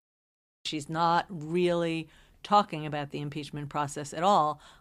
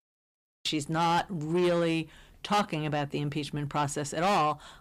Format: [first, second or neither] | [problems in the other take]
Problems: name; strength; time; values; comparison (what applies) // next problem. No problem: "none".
first | distortion; heavy; 7 dB below the speech